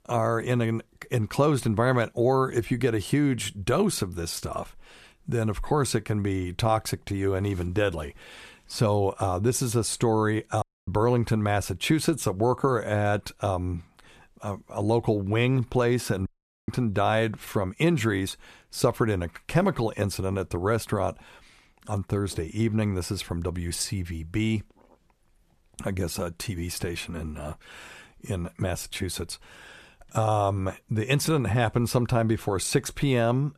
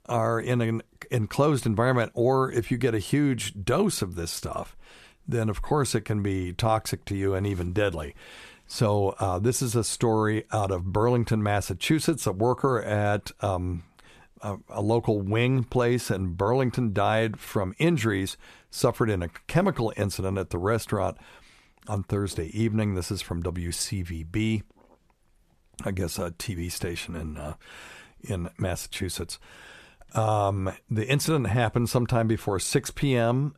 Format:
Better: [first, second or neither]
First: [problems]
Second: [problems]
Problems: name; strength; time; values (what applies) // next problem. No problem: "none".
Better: second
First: audio cutting out; at 11 s and at 16 s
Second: none